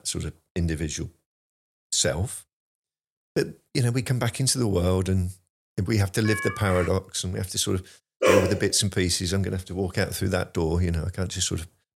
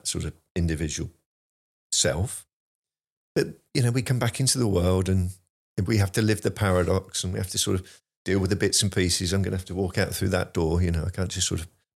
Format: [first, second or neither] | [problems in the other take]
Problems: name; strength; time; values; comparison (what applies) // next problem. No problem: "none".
second | phone ringing; noticeable; at 6.5 s; peak 5 dB below the speech // dog barking; loud; at 8 s; peak 5 dB above the speech